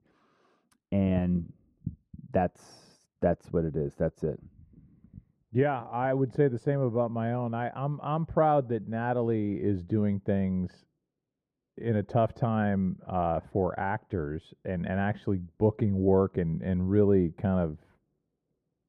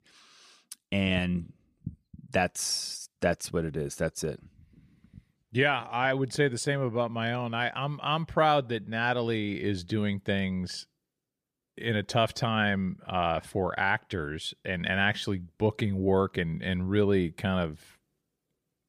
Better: second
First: muffled; very; fading above 2 kHz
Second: none

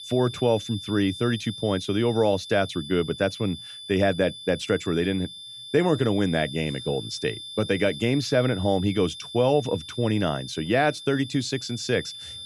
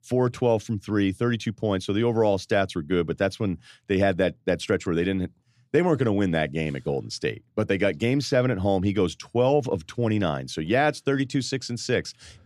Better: second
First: high-pitched whine; noticeable; throughout; 3.5 kHz, 10 dB below the speech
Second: none

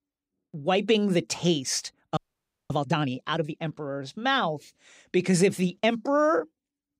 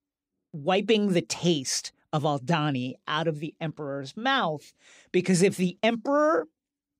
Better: second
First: audio freezing; at 2 s for 0.5 s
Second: none

